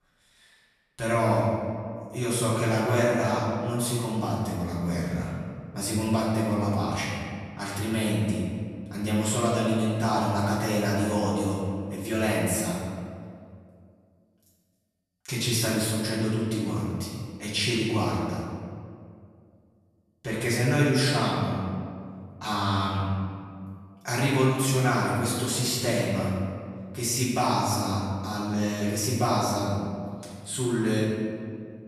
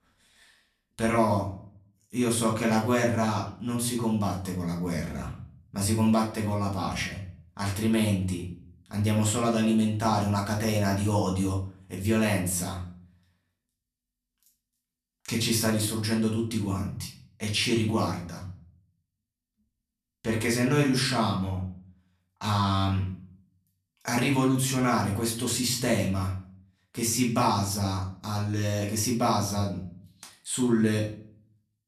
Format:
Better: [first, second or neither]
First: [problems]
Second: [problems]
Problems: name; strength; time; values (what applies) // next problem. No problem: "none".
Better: second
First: room echo; strong; dies away in 1.9 s // off-mic speech; far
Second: room echo; slight; dies away in 0.5 s // off-mic speech; far